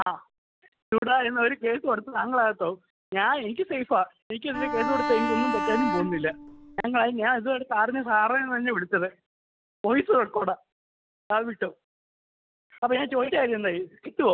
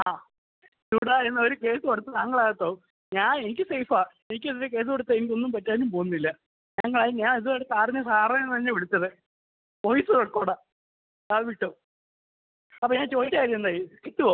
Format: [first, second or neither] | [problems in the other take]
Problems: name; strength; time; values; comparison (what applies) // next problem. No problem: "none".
second | background sound (Bowed string instrument); 2 dB below the speech